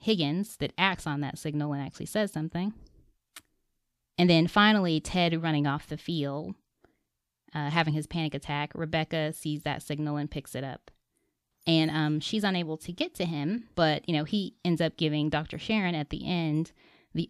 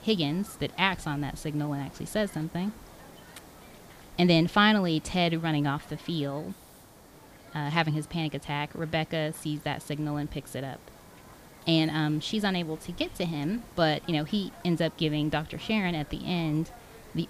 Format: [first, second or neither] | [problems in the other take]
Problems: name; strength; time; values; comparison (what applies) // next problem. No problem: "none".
first | hiss; faint; throughout; 20 dB below the speech